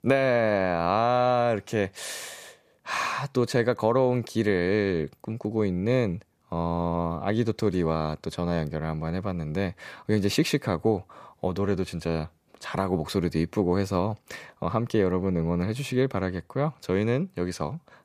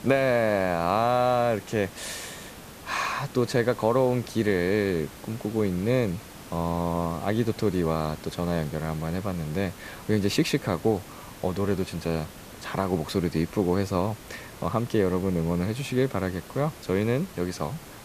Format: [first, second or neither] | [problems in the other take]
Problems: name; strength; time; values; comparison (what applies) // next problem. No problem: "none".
first | hiss; noticeable; throughout; 15 dB below the speech